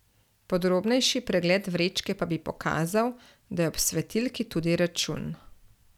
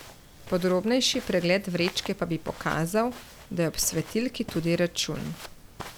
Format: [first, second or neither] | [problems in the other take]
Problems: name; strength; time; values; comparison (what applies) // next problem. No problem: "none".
first | background sound (Walk, footsteps); 16 dB below the speech